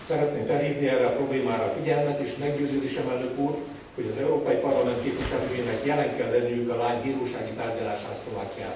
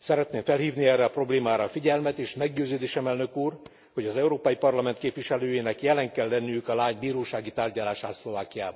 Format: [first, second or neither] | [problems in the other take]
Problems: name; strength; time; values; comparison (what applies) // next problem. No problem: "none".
second | background sound (Waves, surf); 17 dB below the speech // room echo; dies away in 0.9 s